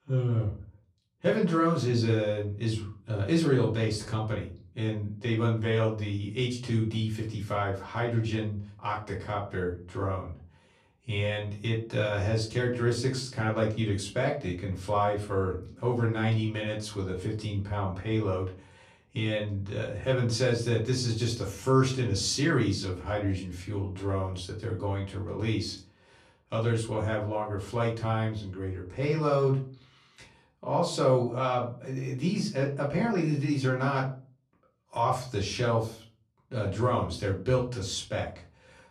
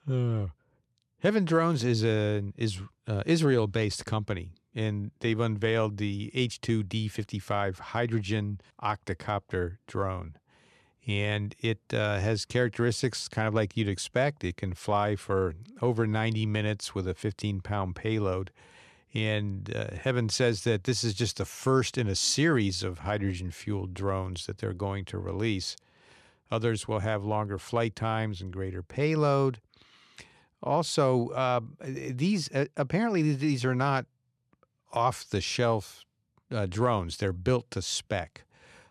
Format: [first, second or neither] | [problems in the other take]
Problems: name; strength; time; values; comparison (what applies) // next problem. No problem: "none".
second | off-mic speech; far // room echo; slight; dies away in 0.3 s